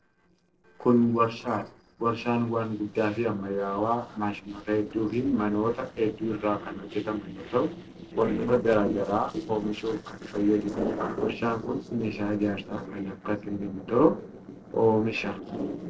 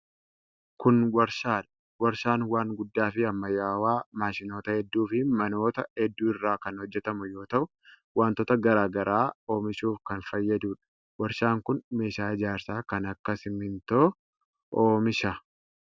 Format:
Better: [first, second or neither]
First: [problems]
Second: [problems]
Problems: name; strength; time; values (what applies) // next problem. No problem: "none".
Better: second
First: noise reduction (neural separator model SepFormer DNS4)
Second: none